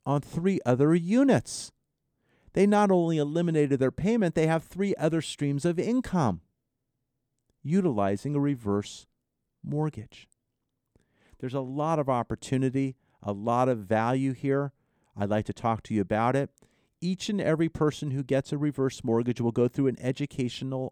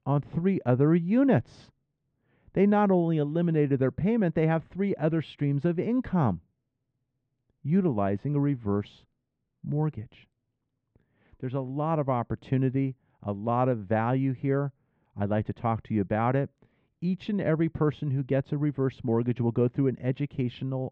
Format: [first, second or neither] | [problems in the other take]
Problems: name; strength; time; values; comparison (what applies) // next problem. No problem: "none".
first | muffled; very; fading above 3 kHz